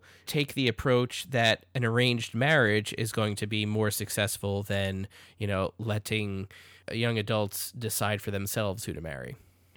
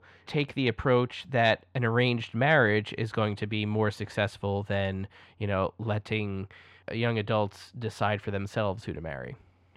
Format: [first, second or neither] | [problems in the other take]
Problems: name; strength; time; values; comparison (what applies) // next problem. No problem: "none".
first | muffled; slightly; fading above 3 kHz